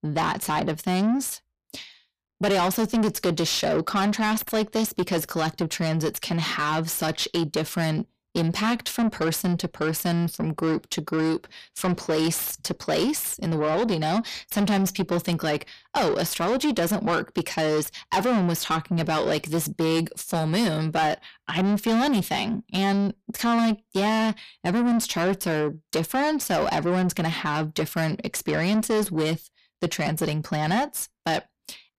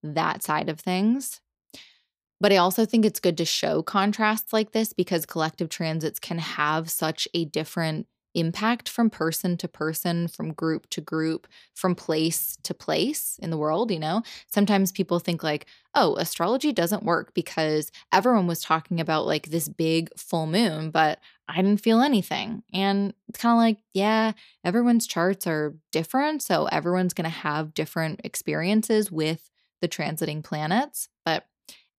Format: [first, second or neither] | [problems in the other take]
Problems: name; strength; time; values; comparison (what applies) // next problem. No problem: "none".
second | distortion; heavy; 7 dB below the speech